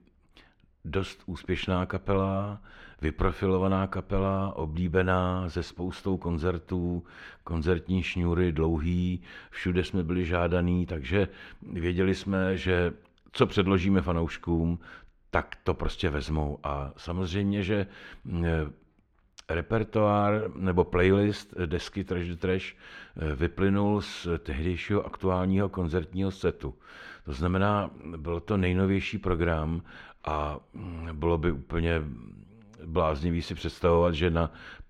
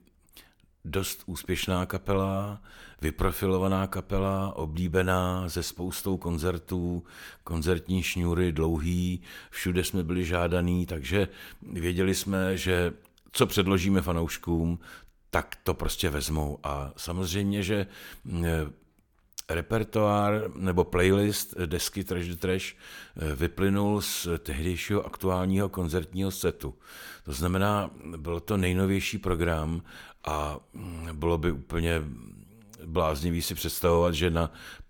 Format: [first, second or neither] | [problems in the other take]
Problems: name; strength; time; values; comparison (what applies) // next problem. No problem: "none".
second | muffled; slightly; fading above 3 kHz